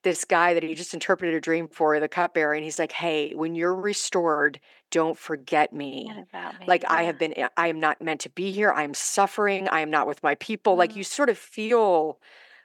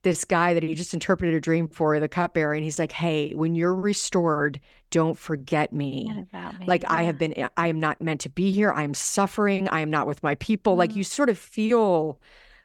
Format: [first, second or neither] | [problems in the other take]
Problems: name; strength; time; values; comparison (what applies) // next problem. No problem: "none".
second | thin; somewhat; fading below 400 Hz